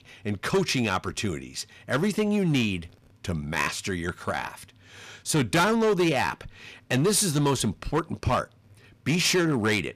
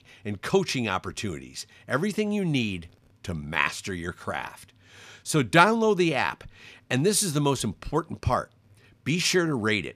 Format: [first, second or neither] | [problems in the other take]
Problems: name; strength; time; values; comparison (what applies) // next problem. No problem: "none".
second | distortion; heavy; 7% of the sound clipped